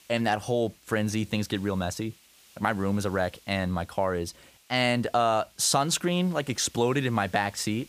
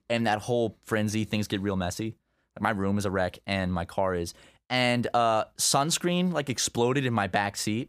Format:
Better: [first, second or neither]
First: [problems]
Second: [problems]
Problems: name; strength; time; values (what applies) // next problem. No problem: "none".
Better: second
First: hiss; faint; throughout; 25 dB below the speech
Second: none